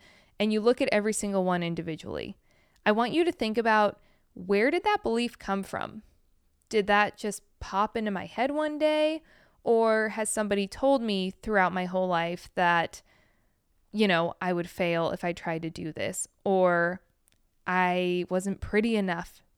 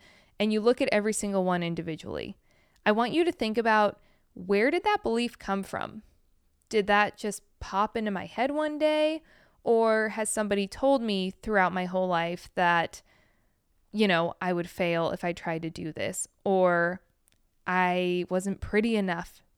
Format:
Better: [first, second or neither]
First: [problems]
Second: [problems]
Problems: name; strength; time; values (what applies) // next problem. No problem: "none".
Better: neither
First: none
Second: none